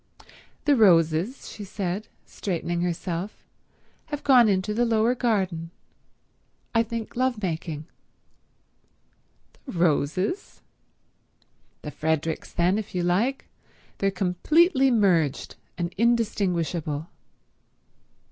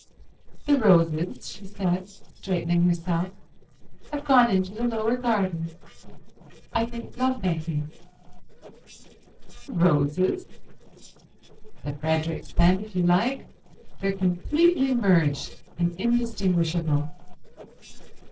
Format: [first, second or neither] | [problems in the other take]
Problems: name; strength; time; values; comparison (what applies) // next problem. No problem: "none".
first | noise reduction (neural separator model SepFormer DNS4)